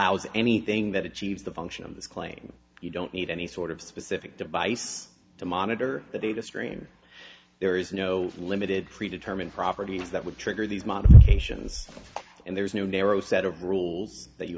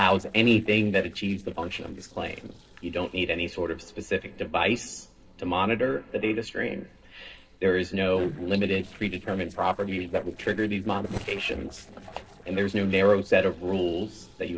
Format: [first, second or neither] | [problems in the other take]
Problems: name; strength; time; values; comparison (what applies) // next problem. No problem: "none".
first | noise reduction (neural separator model SepFormer DNS4)